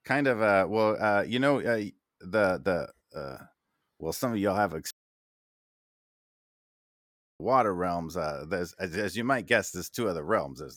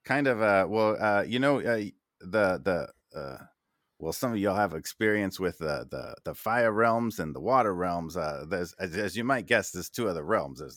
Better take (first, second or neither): second